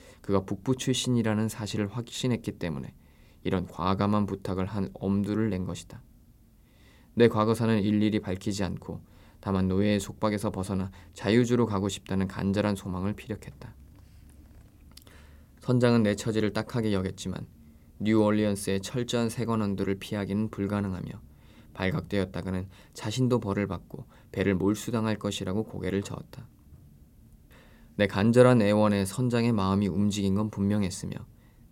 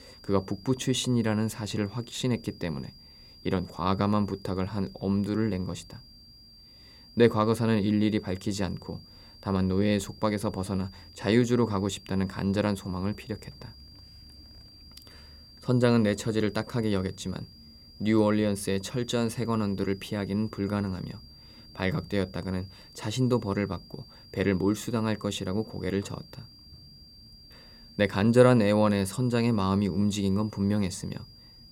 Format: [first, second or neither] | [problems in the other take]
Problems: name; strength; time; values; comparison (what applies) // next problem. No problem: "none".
first | high-pitched whine; faint; throughout; 4.5 kHz, 25 dB below the speech